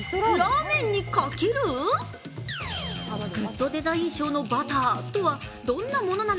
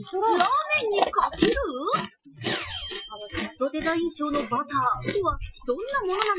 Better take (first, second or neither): first